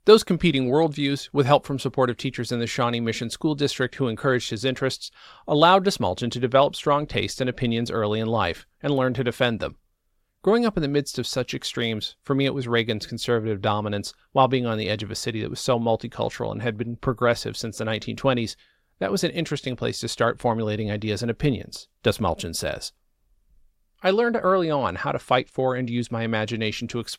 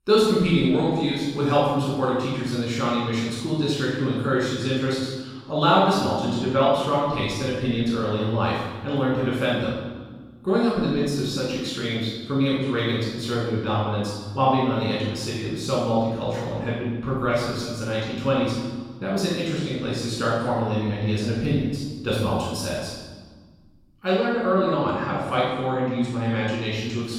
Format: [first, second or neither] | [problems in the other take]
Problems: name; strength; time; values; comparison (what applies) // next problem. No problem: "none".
first | off-mic speech; far // room echo; strong; dies away in 1.3 s